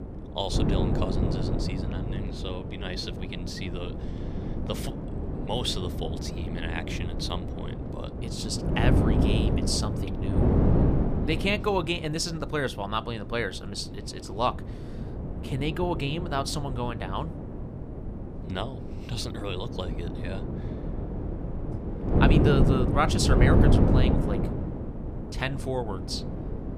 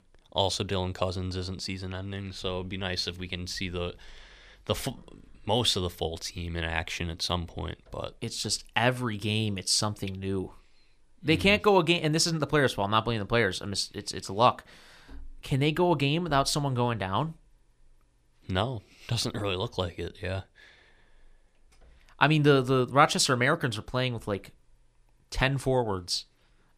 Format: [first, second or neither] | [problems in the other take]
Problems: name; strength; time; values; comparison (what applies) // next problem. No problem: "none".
second | wind noise on the microphone; heavy; 4 dB below the speech